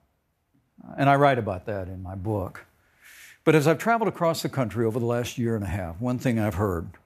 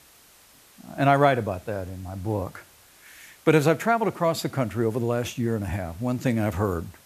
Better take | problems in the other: first | hiss; faint; throughout; 25 dB below the speech

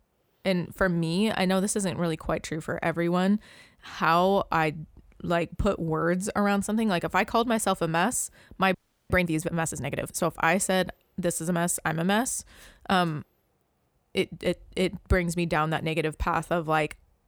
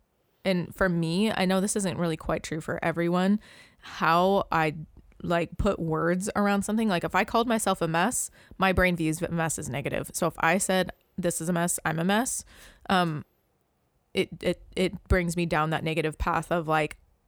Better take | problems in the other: second | audio freezing; at 8.5 s

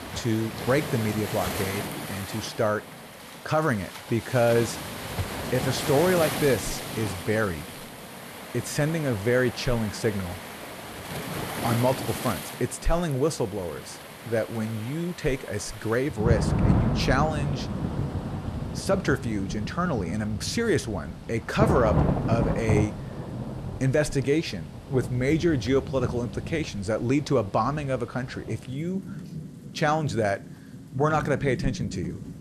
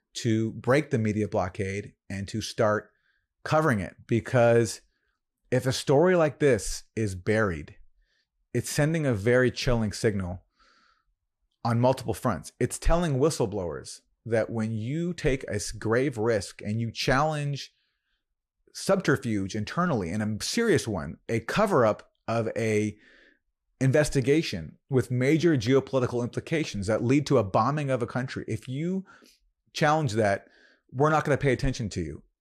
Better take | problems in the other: second | rain or running water; loud; throughout; 5 dB below the speech

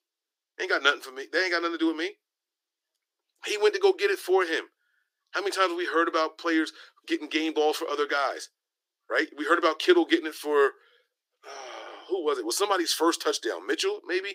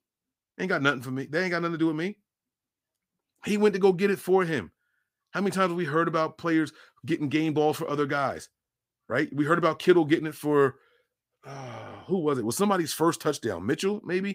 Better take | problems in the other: second | thin; very; fading below 300 Hz

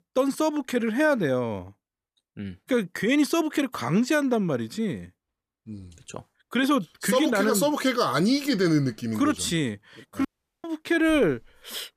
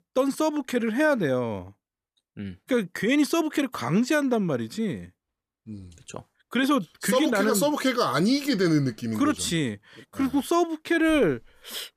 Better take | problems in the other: second | audio cutting out; at 10 s

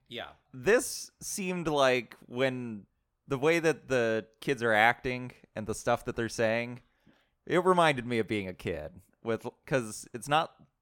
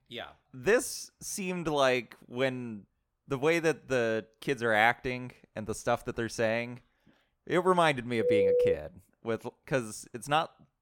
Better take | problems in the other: first | phone ringing; loud; at 8 s; peak 5 dB above the speech

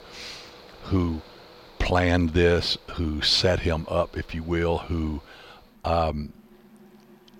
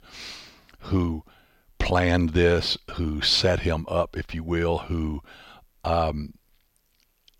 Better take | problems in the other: second | machinery noise; faint; throughout; 25 dB below the speech

